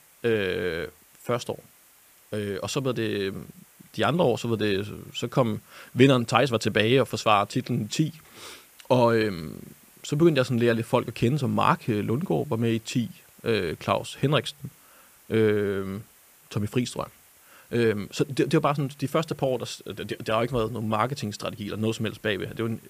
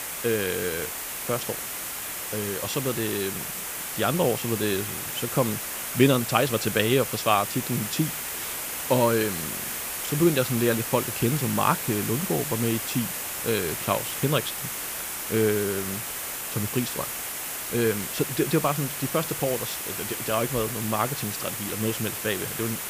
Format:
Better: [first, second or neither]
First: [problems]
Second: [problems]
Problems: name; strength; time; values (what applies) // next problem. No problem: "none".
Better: first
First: hiss; faint; throughout; 25 dB below the speech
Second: hiss; loud; throughout; 3 dB below the speech